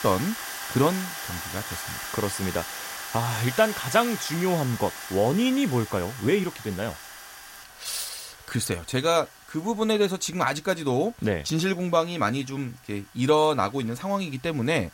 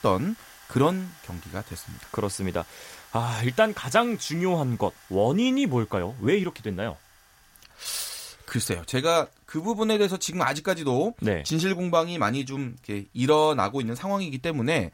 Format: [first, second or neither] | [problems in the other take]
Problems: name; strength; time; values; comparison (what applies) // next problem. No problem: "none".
second | machinery noise; loud; throughout; 8 dB below the speech; faint in the second